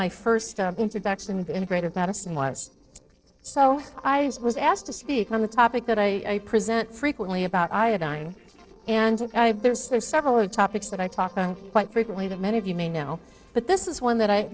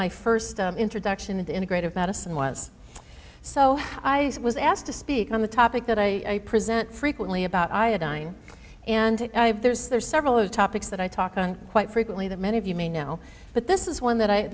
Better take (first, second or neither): second